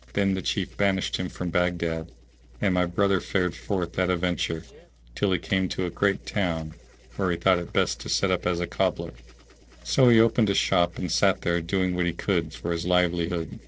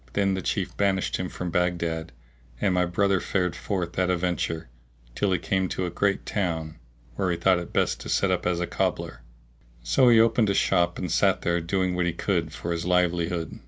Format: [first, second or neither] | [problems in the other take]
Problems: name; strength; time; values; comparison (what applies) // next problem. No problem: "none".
second | noise reduction (neural separator model SepFormer DNS4)